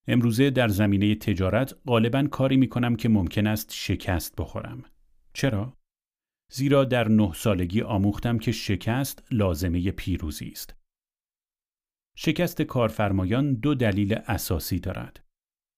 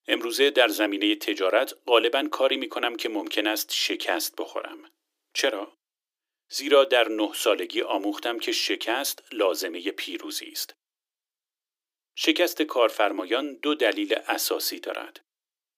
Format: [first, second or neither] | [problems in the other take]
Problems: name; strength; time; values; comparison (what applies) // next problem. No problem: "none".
first | thin; very; fading below 300 Hz